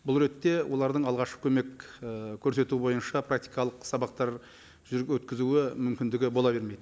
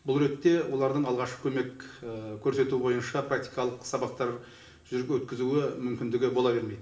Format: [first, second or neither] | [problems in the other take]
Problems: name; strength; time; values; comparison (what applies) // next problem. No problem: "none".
first | room echo; dies away in 0.6 s